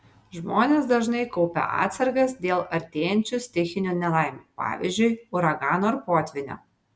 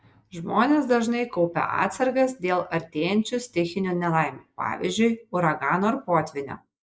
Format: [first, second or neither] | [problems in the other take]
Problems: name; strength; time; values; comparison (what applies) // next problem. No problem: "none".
first | noise reduction (neural mask model Resemble Enhance denoiser)